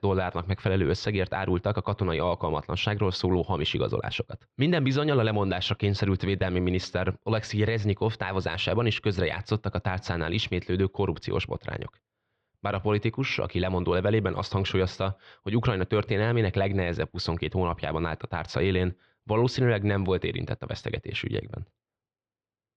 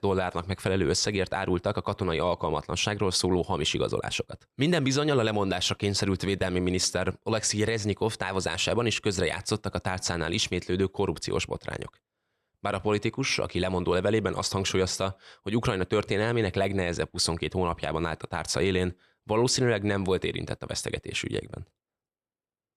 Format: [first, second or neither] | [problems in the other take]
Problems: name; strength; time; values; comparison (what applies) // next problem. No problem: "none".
second | muffled; slightly; fading above 4 kHz